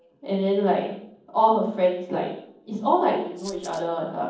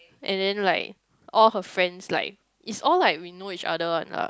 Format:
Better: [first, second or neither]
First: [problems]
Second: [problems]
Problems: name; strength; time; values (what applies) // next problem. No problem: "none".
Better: second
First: noise reduction (neural separator model SepFormer DNS4)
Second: none